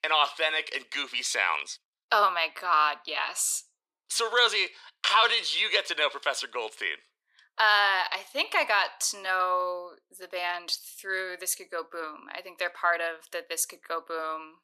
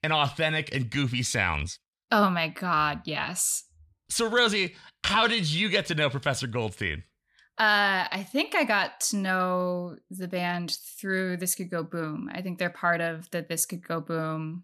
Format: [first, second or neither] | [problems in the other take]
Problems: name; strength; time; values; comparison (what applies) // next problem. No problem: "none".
second | thin; very; fading below 400 Hz